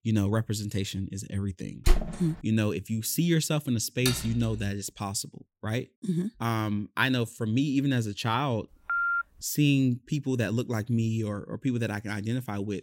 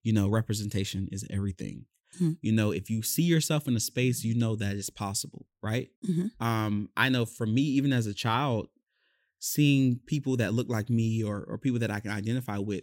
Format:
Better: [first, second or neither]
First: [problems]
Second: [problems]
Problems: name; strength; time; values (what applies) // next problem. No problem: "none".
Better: second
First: door banging; noticeable; at 2 s; peak level with the speech // clattering dishes; noticeable; at 4 s; peak 2 dB below the speech // phone ringing; loud; at 9 s; peak 2 dB above the speech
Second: none